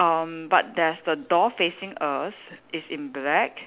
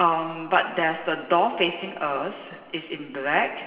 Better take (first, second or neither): first